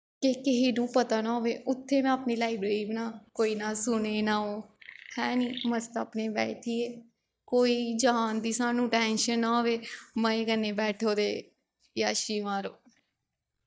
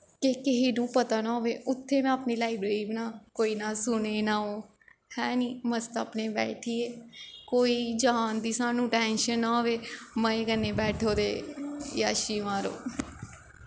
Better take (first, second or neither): second